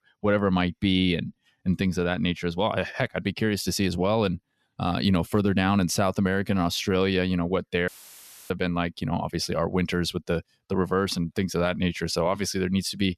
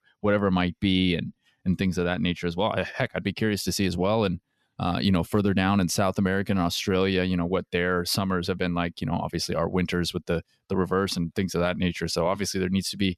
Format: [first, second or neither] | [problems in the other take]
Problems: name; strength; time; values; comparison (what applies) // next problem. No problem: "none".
second | audio cutting out; filled with static; at 8 s for 0.5 s